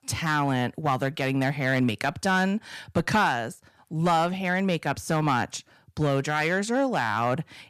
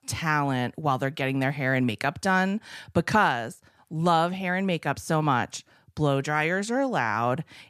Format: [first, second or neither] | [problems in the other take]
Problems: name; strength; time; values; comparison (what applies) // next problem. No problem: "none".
second | distortion; slight; 3% of the sound clipped